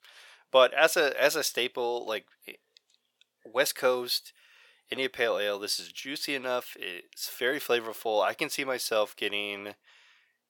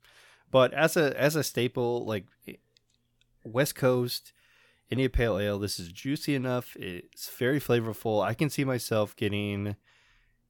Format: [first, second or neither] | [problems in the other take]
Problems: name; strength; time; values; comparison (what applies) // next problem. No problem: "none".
second | thin; very; fading below 600 Hz